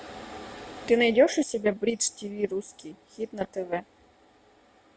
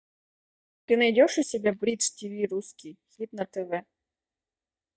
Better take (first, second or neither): first